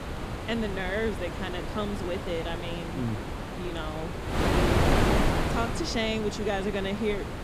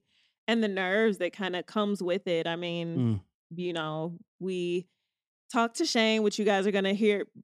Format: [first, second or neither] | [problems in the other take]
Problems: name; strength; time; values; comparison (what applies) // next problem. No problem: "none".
second | wind noise on the microphone; heavy; 1 dB above the speech